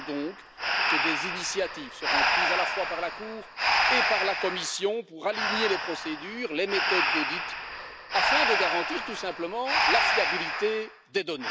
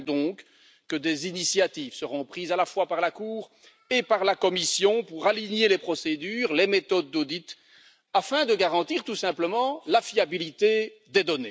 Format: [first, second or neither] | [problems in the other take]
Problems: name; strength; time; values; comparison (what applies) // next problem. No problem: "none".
second | background sound (Breathing); 4 dB above the speech